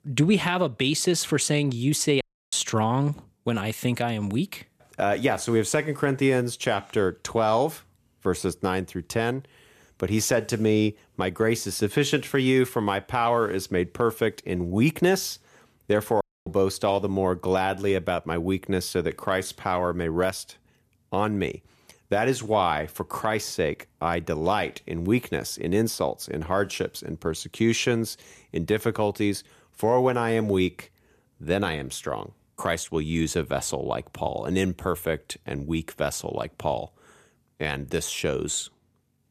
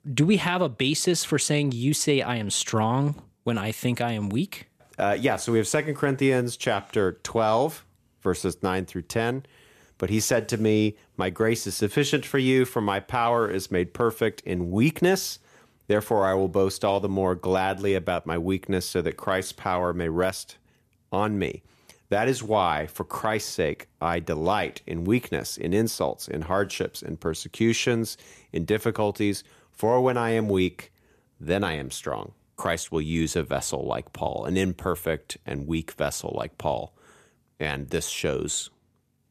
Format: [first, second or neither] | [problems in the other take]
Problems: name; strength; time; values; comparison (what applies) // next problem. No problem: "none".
second | audio cutting out; at 2 s and at 16 s